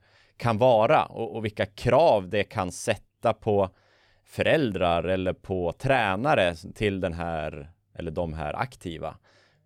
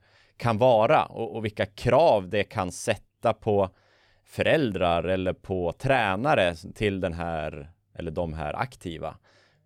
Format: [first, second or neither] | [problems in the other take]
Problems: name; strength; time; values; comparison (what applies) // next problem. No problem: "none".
neither | none